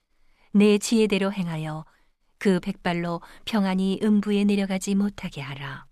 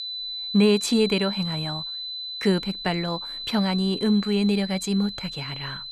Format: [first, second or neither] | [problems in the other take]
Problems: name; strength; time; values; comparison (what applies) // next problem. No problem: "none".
first | high-pitched whine; loud; throughout; 4 kHz, 7 dB below the speech